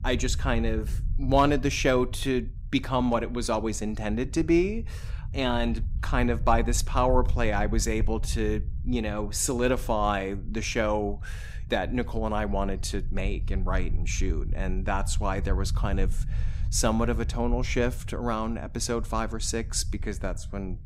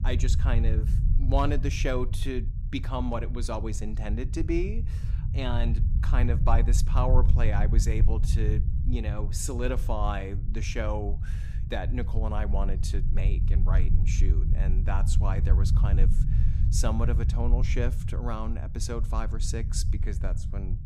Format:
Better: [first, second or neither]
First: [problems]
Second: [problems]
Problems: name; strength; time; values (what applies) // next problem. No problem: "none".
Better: first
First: low rumble; faint; throughout; 25 dB below the speech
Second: low rumble; loud; throughout; 9 dB below the speech